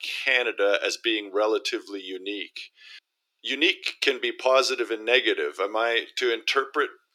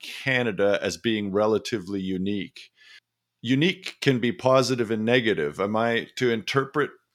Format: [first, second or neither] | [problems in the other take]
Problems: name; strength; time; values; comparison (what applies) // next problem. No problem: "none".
second | thin; very; fading below 300 Hz